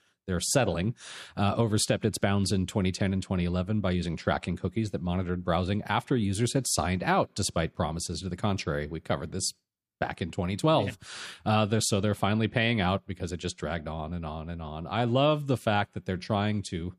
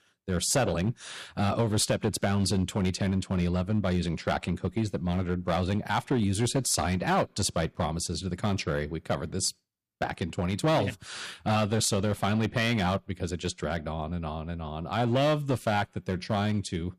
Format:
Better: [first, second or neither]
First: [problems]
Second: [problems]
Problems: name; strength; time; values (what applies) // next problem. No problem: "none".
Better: first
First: none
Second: distortion; slight; 5% of the sound clipped